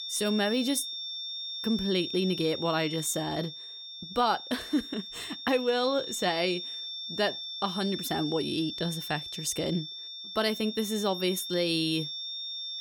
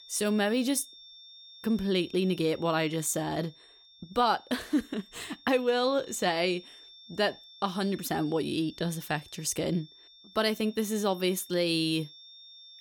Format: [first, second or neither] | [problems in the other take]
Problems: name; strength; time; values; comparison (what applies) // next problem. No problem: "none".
second | high-pitched whine; loud; throughout; 3.5 kHz, 6 dB below the speech; faint in the second